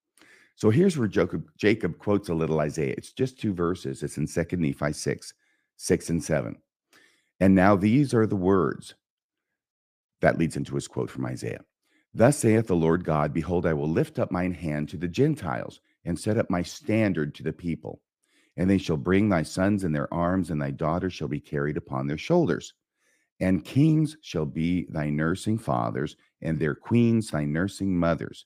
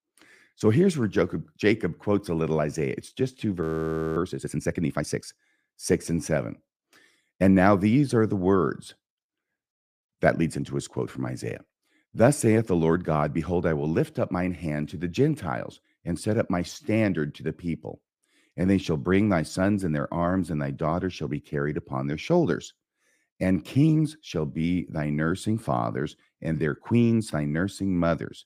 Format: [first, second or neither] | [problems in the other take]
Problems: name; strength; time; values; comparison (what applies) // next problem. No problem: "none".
first | audio freezing; at 3.5 s for 0.5 s